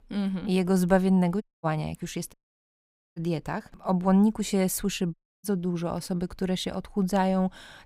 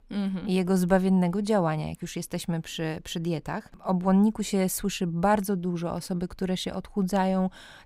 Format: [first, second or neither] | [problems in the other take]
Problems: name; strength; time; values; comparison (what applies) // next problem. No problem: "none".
second | audio cutting out; at 1.5 s, at 2.5 s for 1 s and at 5 s